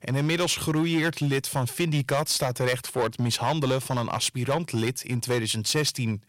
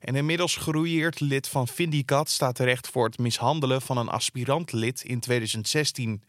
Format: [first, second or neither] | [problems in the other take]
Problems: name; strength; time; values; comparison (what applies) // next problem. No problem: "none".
second | distortion; slight; 8% of the sound clipped